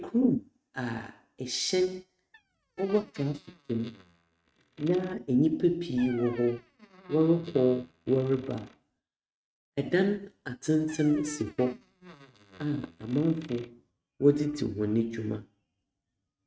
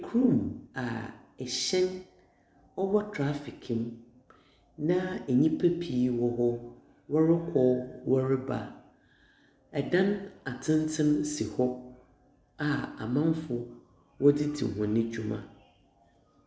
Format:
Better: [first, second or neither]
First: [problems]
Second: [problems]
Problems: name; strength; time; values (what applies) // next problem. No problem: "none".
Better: second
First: noise reduction (neural mask model RNNoise)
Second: none